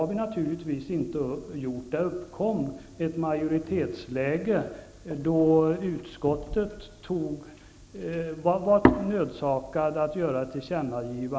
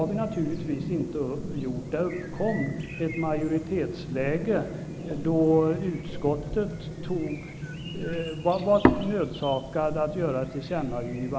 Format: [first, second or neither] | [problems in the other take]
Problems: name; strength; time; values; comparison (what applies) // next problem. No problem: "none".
first | background sound (Chirp, tweet); 8 dB below the speech